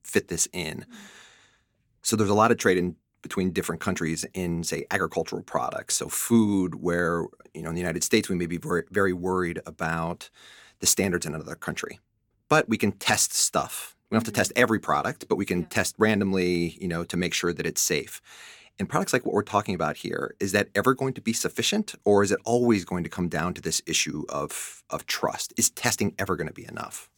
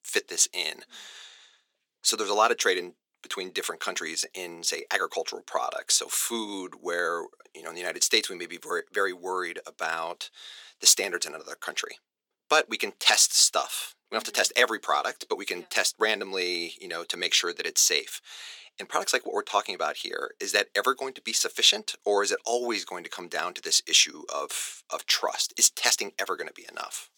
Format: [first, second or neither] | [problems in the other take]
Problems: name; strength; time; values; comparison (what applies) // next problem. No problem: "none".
first | thin; very; fading below 450 Hz